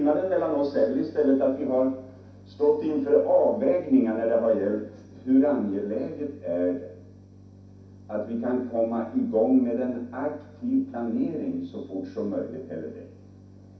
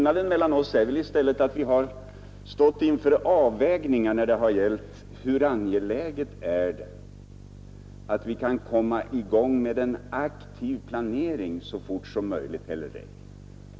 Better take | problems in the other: second | room echo; dies away in 0.6 s

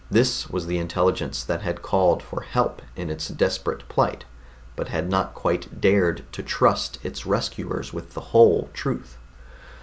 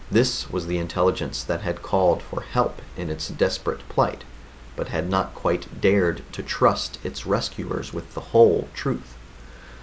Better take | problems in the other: first | background sound (Rain); 20 dB below the speech

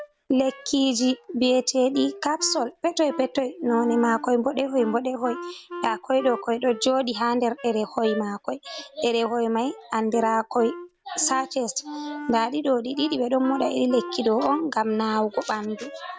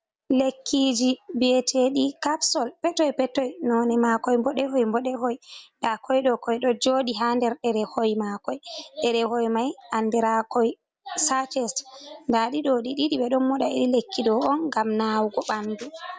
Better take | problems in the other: second | background sound (Wind instrument, woodwind instrument); 15 dB below the speech

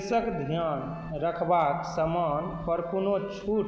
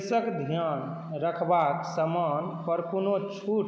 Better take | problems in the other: second | background sound (Thunder / Rain + Wind instrument, woodwind instrument); 18 dB below the speech

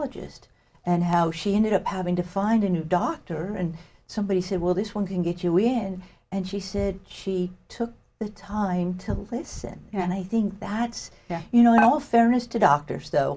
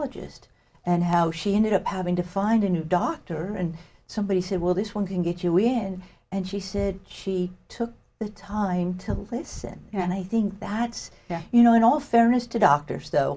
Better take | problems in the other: second | background sound (Dishes, pots, and pans); 6 dB below the speech

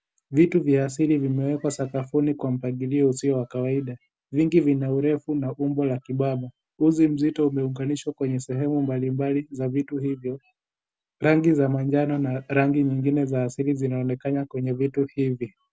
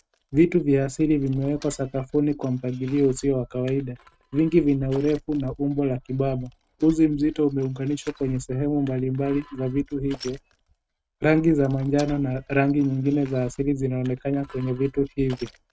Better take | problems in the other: first | noise reduction (neural mask model RNNoise)

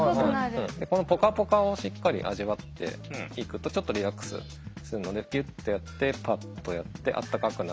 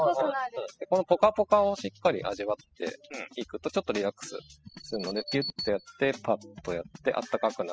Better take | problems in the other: first | noise reduction (classical method spectral subtraction)

